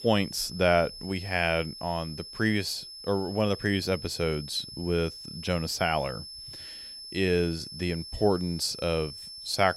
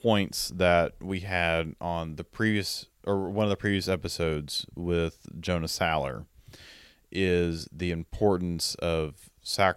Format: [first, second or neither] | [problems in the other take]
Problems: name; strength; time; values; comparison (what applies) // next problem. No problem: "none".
second | high-pitched whine; noticeable; throughout; 5 kHz, 10 dB below the speech